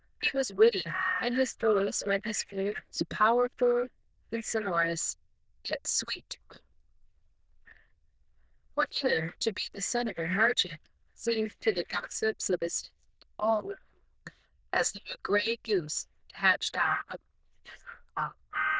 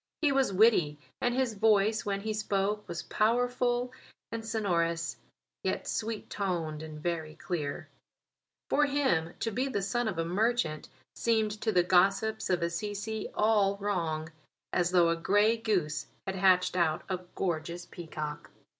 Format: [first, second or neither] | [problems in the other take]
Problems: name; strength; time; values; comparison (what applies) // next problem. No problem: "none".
second | noise reduction (neural diffusion model UNIVERSE++)